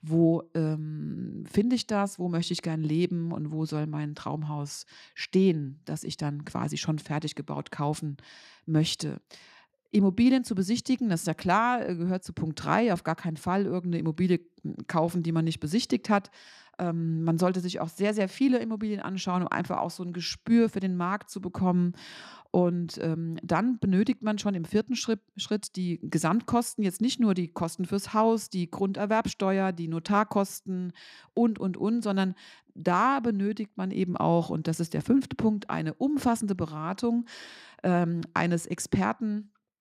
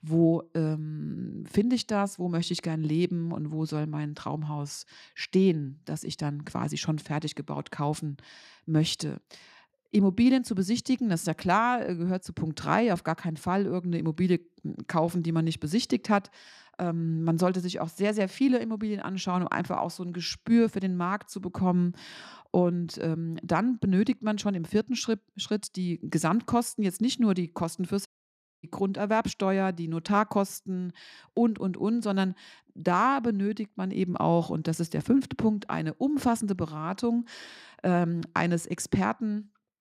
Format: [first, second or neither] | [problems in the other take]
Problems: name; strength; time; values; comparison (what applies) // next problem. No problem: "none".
first | audio cutting out; at 28 s for 0.5 s